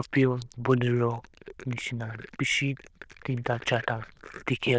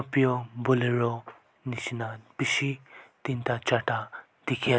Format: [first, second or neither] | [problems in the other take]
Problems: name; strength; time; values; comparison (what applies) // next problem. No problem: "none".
second | noise reduction (neural diffusion model UNIVERSE++)